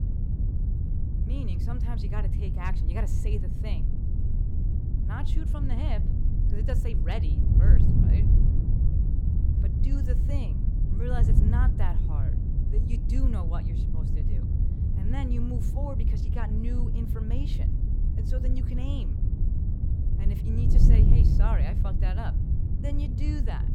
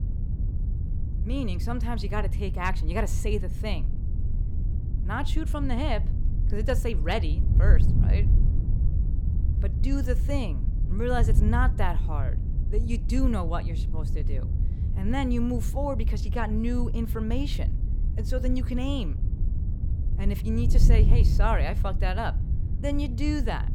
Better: second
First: wind noise on the microphone; heavy; 1 dB below the speech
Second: wind noise on the microphone; occasional gusts; 10 dB below the speech

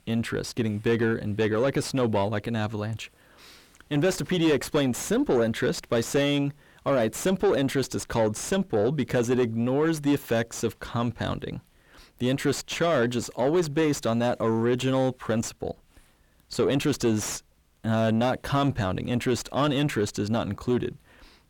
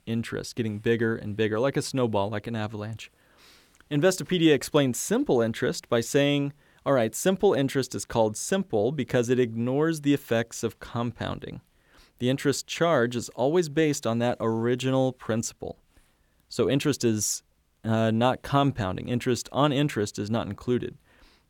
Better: second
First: distortion; slight; 9 dB below the speech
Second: none

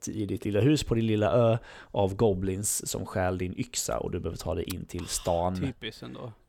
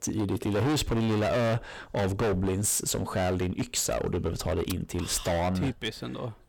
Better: first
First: none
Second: distortion; heavy; 21% of the sound clipped

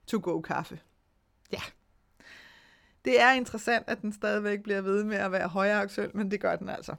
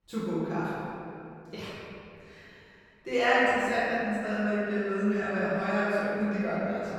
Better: first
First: none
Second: room echo; strong; dies away in 2.5 s // off-mic speech; far

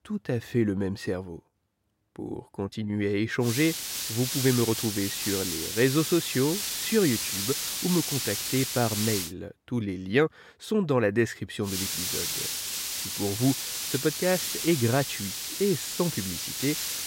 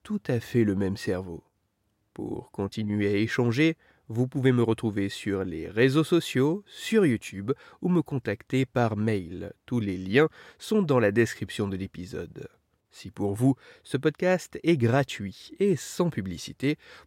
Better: second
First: hiss; loud; from 3.5 to 9.5 s and from 12 s on; 1 dB below the speech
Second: none

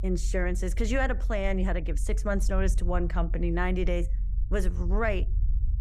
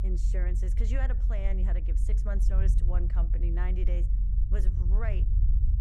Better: first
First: low rumble; faint; throughout; 20 dB below the speech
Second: low rumble; loud; throughout; 6 dB below the speech

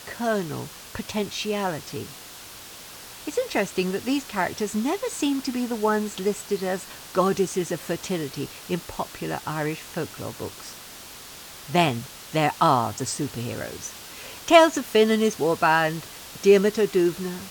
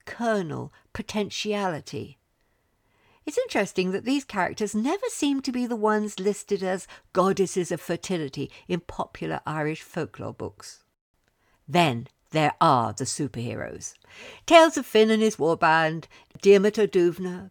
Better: second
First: hiss; noticeable; throughout; 15 dB below the speech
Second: none

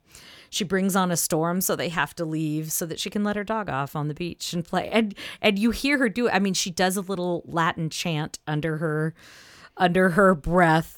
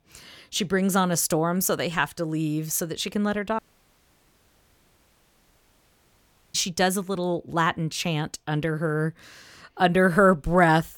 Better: first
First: none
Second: audio cutting out; at 3.5 s for 3 s

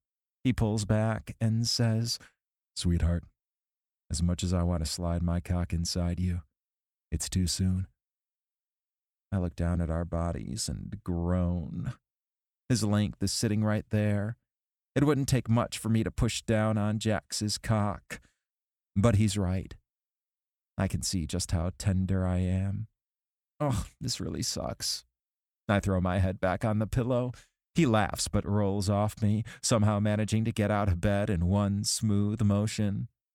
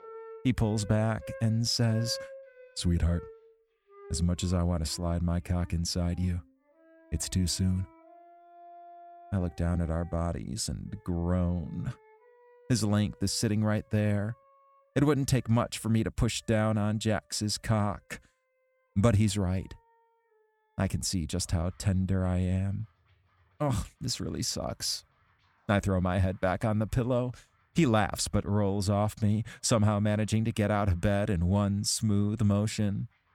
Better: first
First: none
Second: background music; faint; throughout; 20 dB below the speech

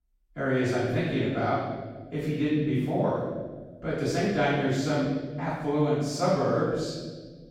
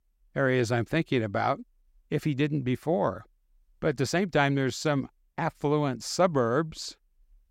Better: second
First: off-mic speech; far // room echo; strong; dies away in 1.4 s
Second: none

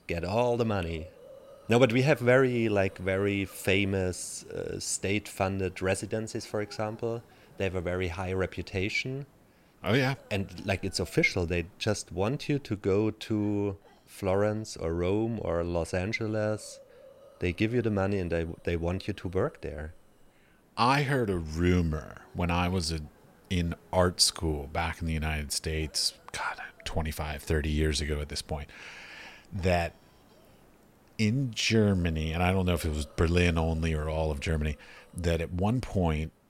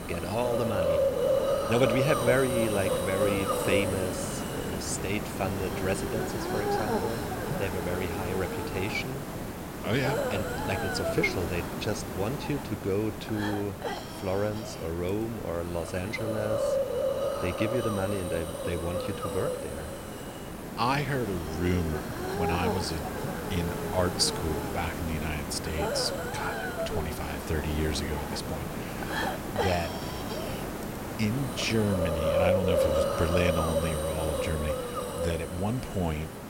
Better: first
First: hiss; faint; throughout; 25 dB below the speech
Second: hiss; loud; throughout; as loud as the speech

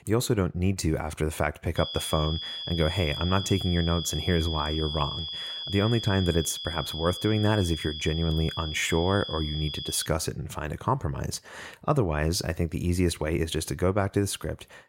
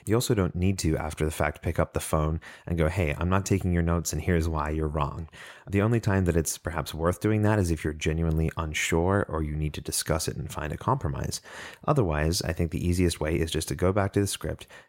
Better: second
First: high-pitched whine; loud; from 2 to 10 s; 3.5 kHz, 6 dB below the speech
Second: none

